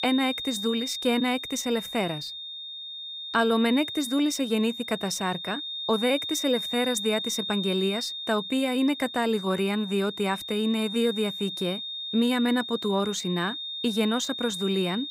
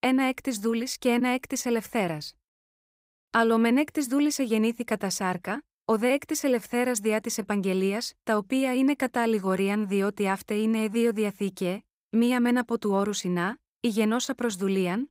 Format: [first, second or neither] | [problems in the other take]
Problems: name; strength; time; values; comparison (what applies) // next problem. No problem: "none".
second | high-pitched whine; loud; throughout; 3.5 kHz, 6 dB below the speech